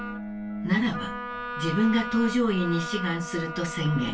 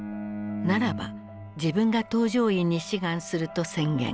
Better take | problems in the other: second | background sound (Wind instrument, woodwind instrument); 9 dB below the speech // room echo; dies away in 0.1 s

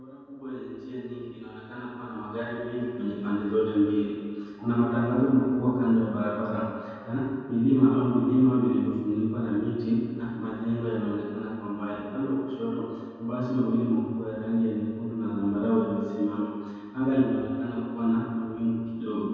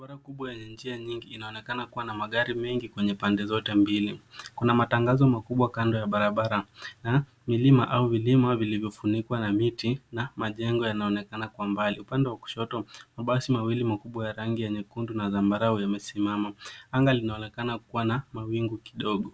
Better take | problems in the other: second | room echo; dies away in 2.2 s

